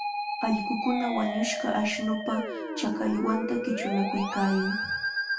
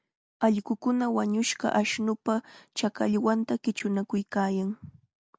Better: second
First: background sound (Musical instrument); 3 dB below the speech // room echo; dies away in 0.3 s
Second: none

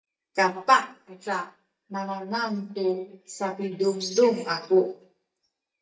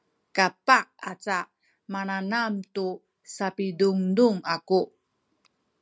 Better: second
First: noise reduction (neural mask model DeepFilterNet 3)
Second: none

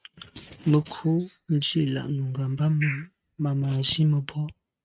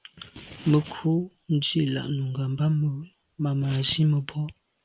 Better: second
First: noise reduction (neural mask model RNNoise)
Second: none

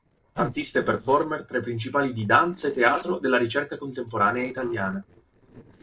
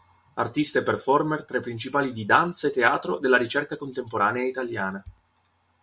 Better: second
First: noise reduction (neural separator model SepFormer DNS4)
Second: none

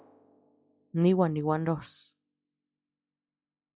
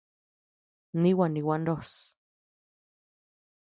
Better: second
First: noise reduction (classical method log-MMSE)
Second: none

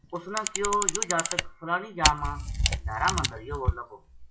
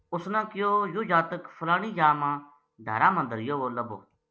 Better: second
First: noise reduction (classical method WPE with log-MMSE)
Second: none

